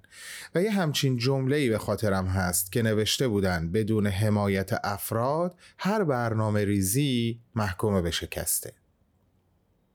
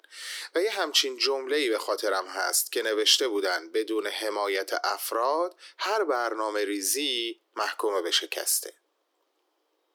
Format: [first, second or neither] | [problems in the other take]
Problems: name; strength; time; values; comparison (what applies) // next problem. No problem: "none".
first | thin; very; fading below 300 Hz